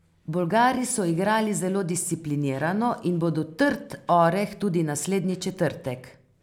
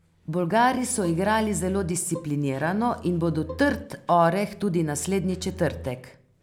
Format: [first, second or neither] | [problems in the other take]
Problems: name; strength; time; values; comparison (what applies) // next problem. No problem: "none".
first | background sound (Bowed string instrument + Bowed string instrument); 17 dB below the speech